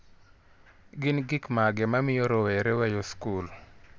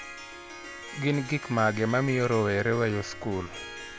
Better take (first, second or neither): first